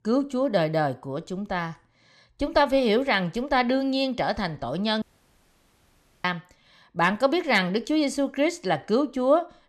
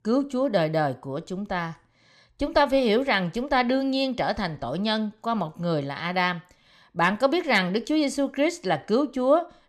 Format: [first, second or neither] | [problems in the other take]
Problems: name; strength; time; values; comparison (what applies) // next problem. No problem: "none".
second | audio cutting out; at 5 s for 1 s